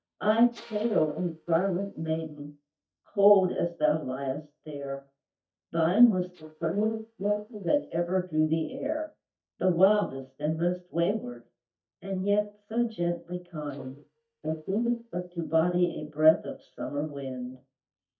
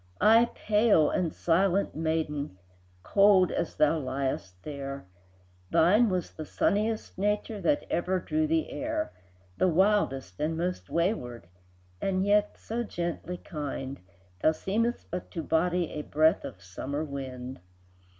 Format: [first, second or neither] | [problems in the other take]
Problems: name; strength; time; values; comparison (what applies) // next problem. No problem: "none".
second | noise reduction (neural mask model DeepFilterNet 3)